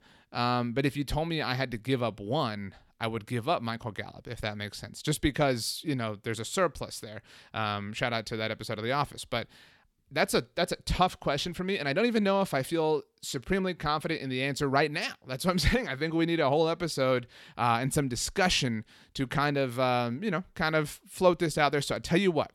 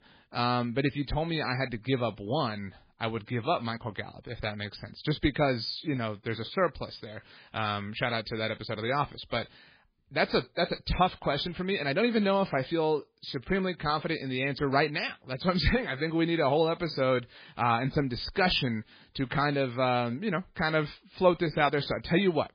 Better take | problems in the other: first | garbled, watery; badly; nothing above 4 kHz

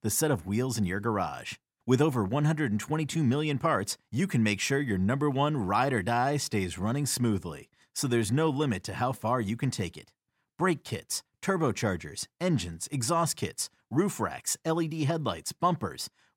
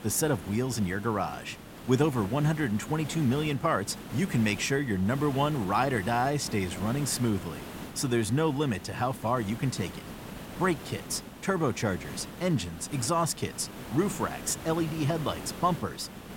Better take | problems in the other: first | hiss; noticeable; throughout; 15 dB below the speech

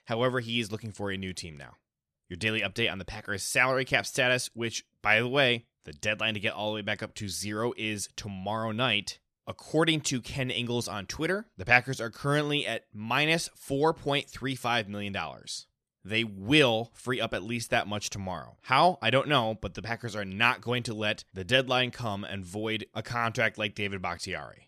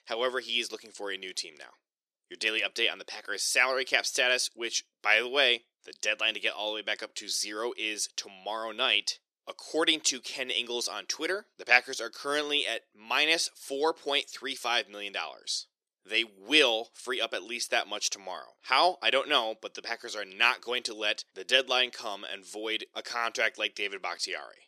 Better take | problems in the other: first | thin; somewhat; fading below 350 Hz

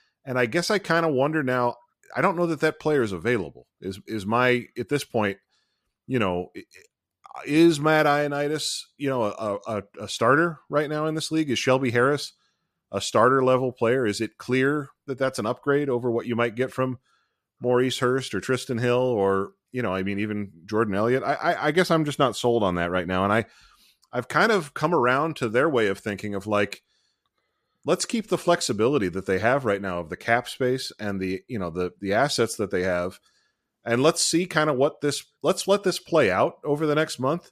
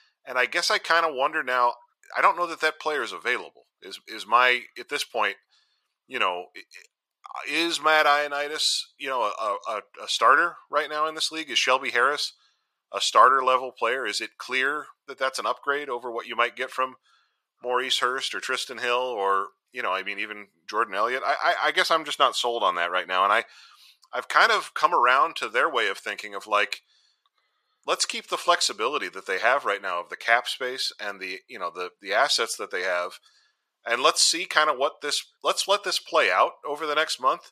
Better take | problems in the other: first | thin; very; fading below 750 Hz

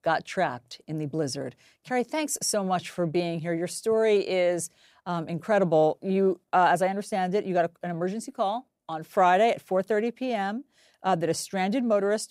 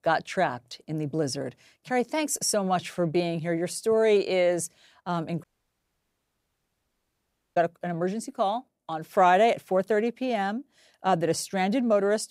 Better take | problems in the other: first | audio cutting out; at 5.5 s for 2 s

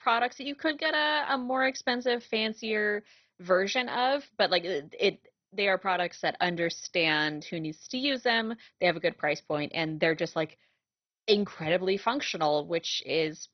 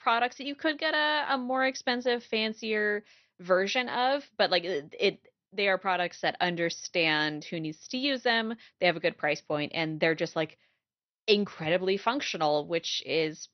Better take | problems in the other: second | garbled, watery; badly; nothing above 6 kHz; slightly in the second

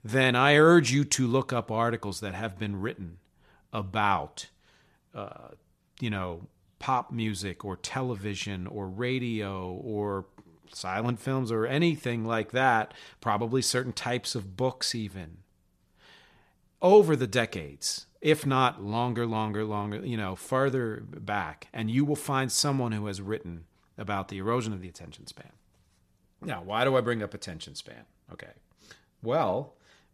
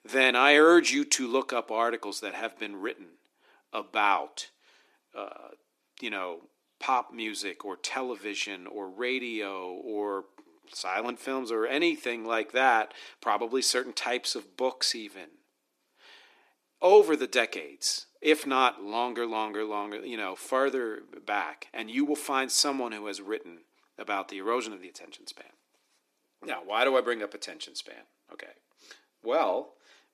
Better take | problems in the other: first | thin; somewhat; fading below 300 Hz

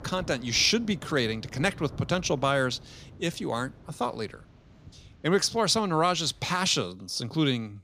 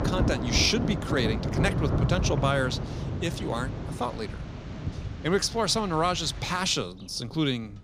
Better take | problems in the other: first | rain or running water; loud; throughout; 4 dB below the speech; faint in the first

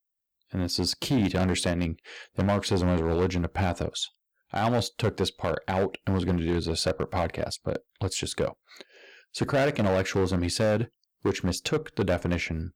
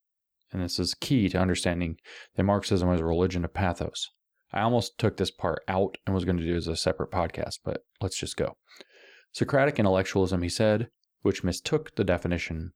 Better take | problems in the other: second | distortion; slight; 7% of the sound clipped

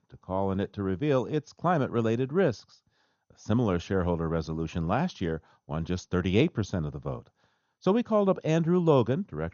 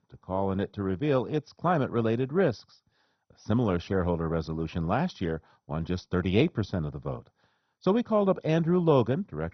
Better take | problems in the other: first | garbled, watery; badly; nothing above 6 kHz; slightly in the first

